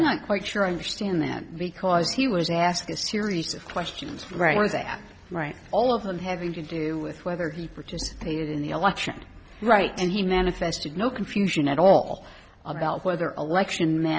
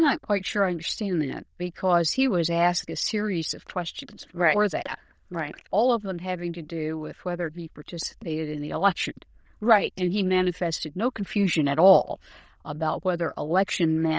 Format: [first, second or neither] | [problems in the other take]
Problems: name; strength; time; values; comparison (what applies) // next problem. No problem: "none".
first | noise reduction (neural diffusion model UNIVERSE++)